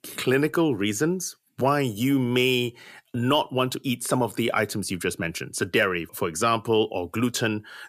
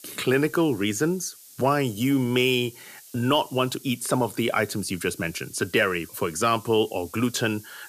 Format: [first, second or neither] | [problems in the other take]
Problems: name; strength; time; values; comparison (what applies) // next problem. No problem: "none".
first | hiss; faint; throughout; 20 dB below the speech